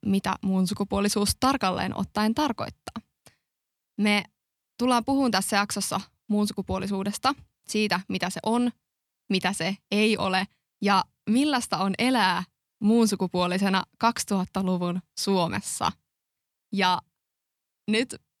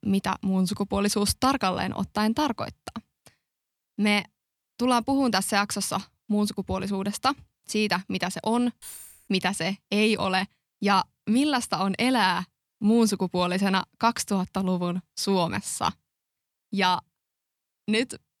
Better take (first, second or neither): first